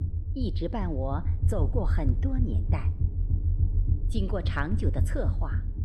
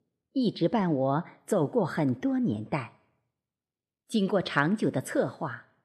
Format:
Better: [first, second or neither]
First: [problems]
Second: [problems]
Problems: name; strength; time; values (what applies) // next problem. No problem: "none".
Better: second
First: low rumble; loud; throughout; 9 dB below the speech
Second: none